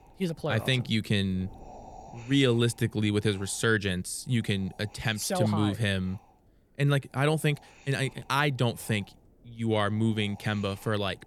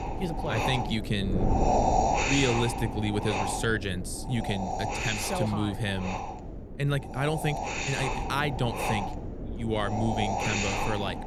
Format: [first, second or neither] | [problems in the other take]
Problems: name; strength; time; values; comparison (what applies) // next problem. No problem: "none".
first | wind noise on the microphone; heavy; 3 dB above the speech; occasional gusts in the first